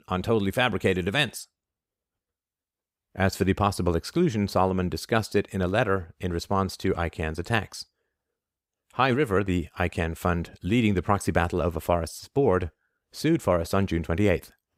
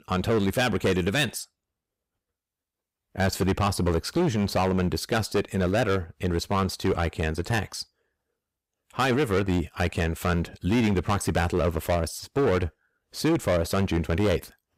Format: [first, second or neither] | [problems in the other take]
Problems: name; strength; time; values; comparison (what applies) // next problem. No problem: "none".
first | distortion; heavy; 12% of the sound clipped